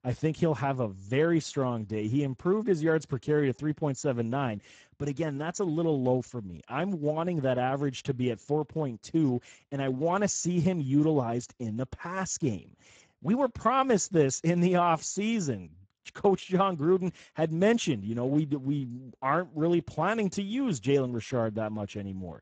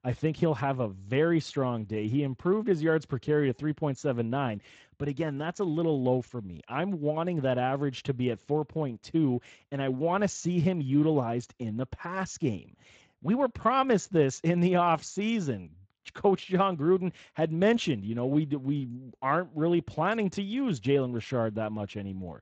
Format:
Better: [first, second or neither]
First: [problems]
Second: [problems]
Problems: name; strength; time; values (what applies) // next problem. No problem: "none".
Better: second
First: garbled, watery; badly; nothing above 7.5 kHz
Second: garbled, watery; slightly; nothing above 7.5 kHz